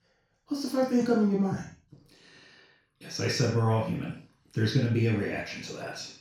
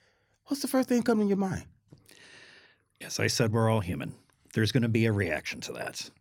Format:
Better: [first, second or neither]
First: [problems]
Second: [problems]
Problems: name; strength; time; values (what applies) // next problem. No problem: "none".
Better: second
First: room echo; noticeable; dies away in 0.4 s // off-mic speech; far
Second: none